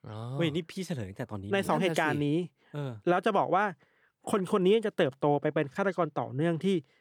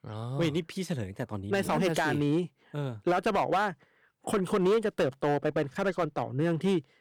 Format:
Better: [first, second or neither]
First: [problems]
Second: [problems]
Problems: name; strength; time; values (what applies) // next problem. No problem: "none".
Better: first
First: none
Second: distortion; slight; 6% of the sound clipped